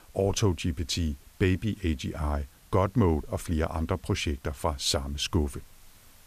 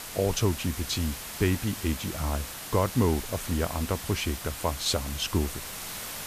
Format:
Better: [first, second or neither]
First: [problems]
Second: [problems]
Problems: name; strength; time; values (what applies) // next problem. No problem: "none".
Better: first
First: hiss; faint; throughout; 30 dB below the speech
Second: hiss; loud; throughout; 7 dB below the speech